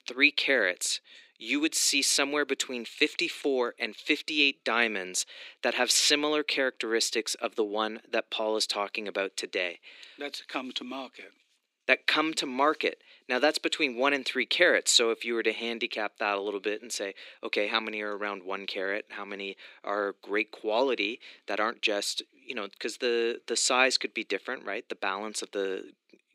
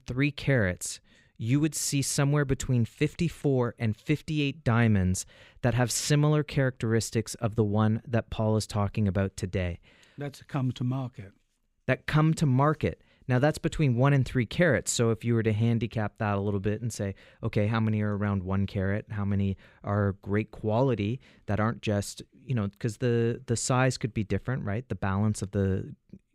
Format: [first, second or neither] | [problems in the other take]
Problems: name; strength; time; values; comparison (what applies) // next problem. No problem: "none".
second | thin; very; fading below 300 Hz